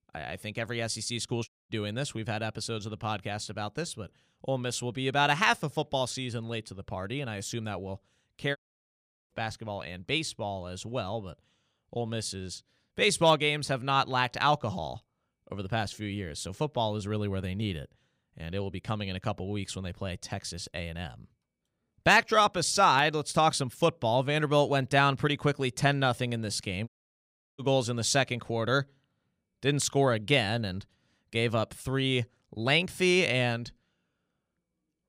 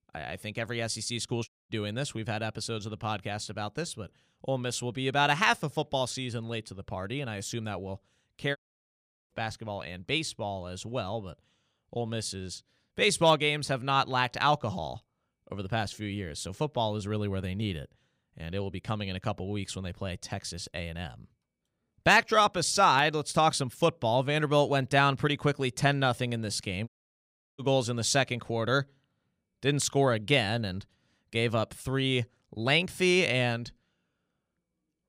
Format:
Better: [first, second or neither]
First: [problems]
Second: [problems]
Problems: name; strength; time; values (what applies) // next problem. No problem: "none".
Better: neither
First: audio cutting out; at 1.5 s, at 8.5 s for 0.5 s and at 27 s for 0.5 s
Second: audio cutting out; at 1.5 s, at 8.5 s for 0.5 s and at 27 s for 0.5 s